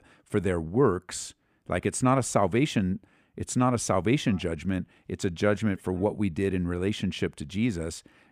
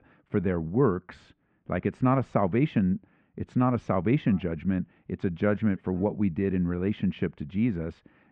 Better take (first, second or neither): first